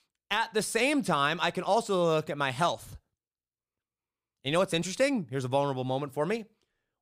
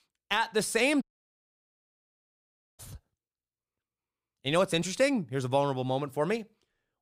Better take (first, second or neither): first